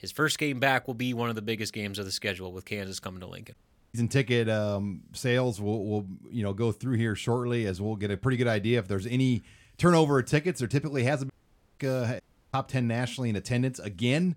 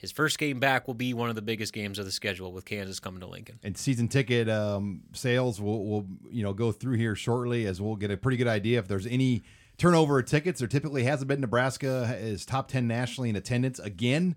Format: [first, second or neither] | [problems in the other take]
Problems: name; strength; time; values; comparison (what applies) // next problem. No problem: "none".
second | audio cutting out; at 3.5 s, at 11 s and at 12 s